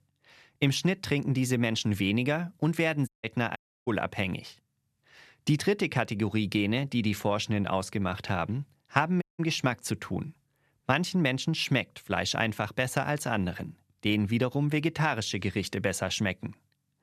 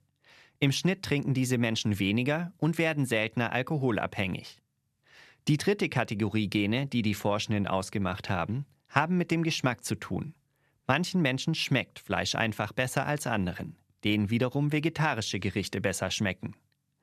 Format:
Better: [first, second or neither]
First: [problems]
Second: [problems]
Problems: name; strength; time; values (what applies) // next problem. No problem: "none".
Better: second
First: audio cutting out; at 3 s, at 3.5 s and at 9 s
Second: none